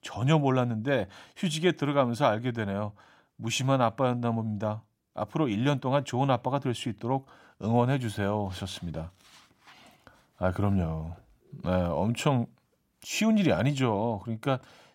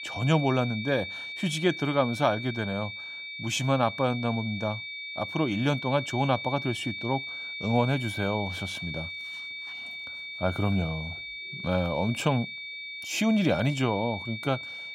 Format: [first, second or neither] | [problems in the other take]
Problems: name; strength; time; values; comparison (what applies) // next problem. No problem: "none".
first | high-pitched whine; loud; throughout; 2.5 kHz, 7 dB below the speech